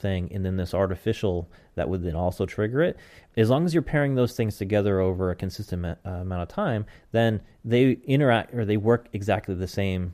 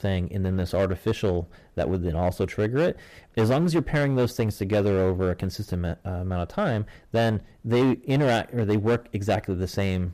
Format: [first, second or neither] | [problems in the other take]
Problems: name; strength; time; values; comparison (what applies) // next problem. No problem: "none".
first | distortion; slight; 8% of the sound clipped